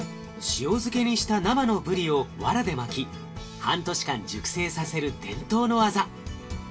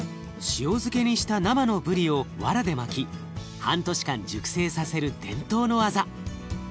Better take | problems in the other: second | room echo; dies away in 0.2 s

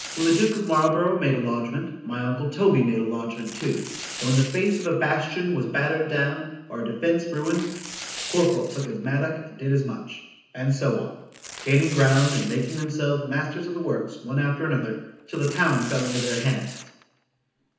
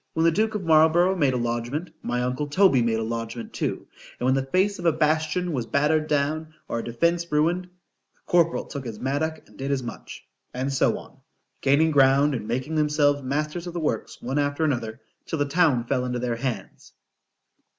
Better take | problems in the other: second | background sound (Tearing); 15 dB below the speech // room echo; dies away in 0.9 s

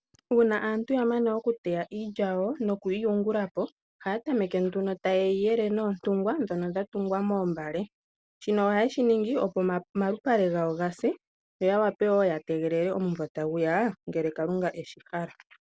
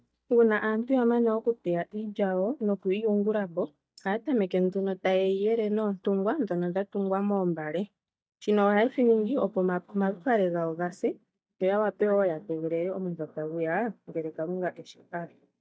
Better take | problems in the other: first | noise reduction (neural mask model DeepFilterNet 3)

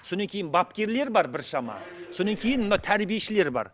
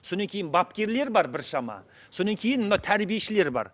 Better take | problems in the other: second | background sound (Slam / Alarm + Subway, metro, underground); 19 dB below the speech

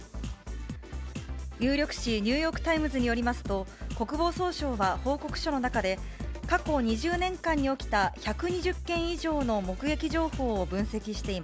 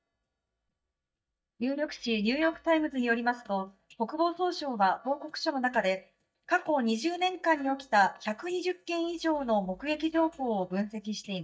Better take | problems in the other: first | noise reduction (neural mask model DeepFilterNet 3)

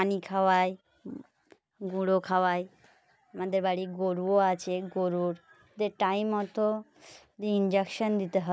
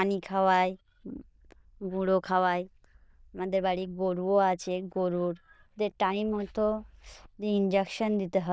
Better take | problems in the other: first | noise reduction (neural diffusion model UNIVERSE++)

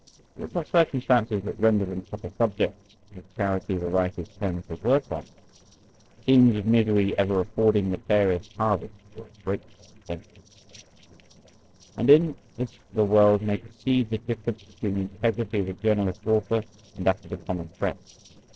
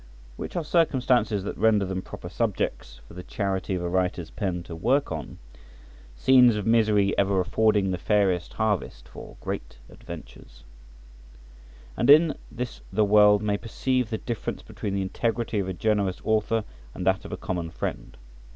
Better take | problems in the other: second | noise reduction (neural separator model SepFormer DNS4)

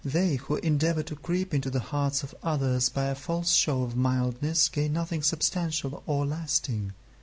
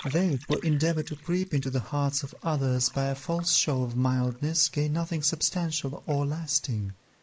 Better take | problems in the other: first | noise reduction (neural mask model Resemble Enhance denoiser)

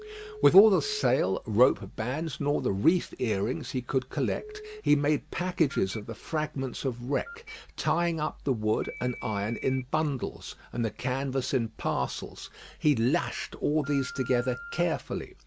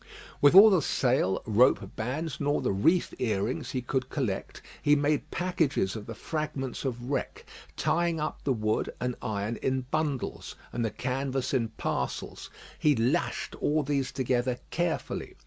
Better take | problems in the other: second | background sound (Telephone); 19 dB below the speech

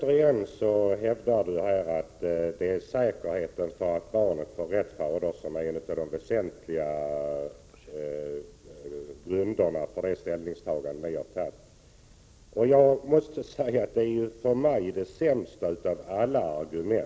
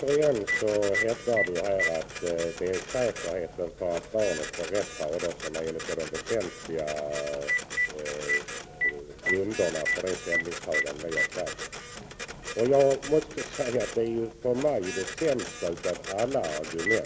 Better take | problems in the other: first | background sound (Telephone + Printer); 5 dB below the speech

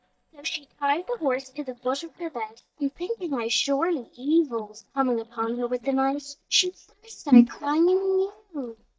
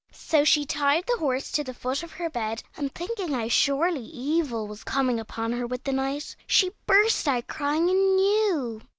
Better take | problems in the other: second | noise reduction (neural mask model DeepFilterNet 3)

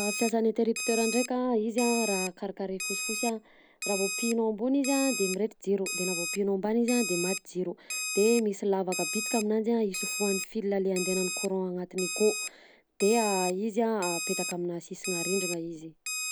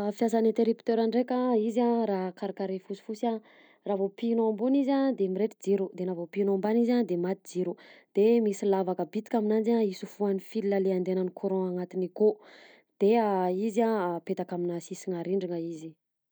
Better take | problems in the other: second | background sound (Alarm); 7 dB below the speech

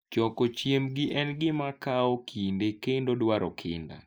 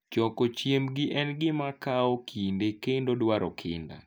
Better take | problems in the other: second | noise reduction (neural mask model Resemble Enhance denoiser)

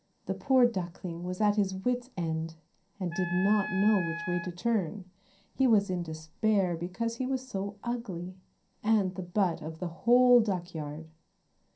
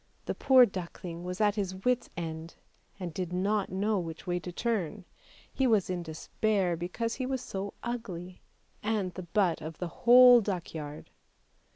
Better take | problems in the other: second | background sound (Wind instrument, woodwind instrument); 9 dB below the speech // room echo; dies away in 0.3 s

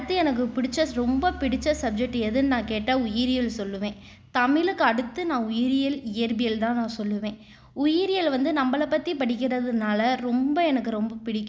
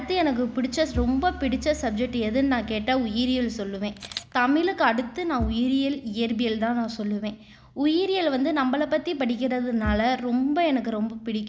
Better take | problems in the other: first | background sound (Camera + Bass drum / Thump, thud); 16 dB below the speech

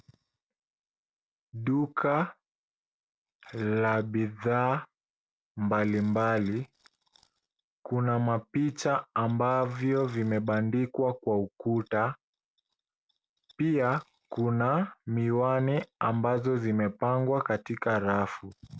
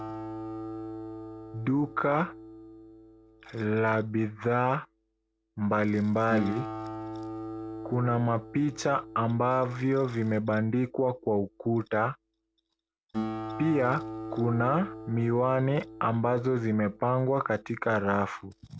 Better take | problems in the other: first | background sound (Acoustic guitar); 12 dB below the speech

